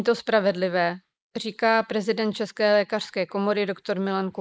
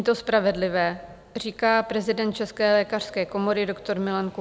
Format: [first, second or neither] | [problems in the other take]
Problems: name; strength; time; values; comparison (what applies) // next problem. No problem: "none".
second | noise reduction (neural mask model Resemble Enhance denoiser)